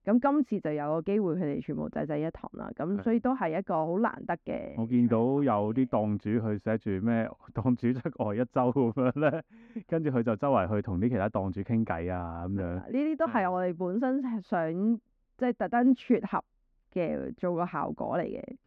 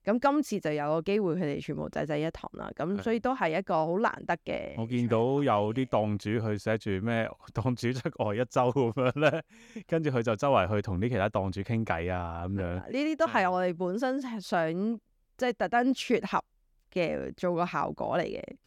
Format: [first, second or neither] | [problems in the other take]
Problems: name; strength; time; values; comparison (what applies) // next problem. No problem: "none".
second | muffled; very; fading above 4 kHz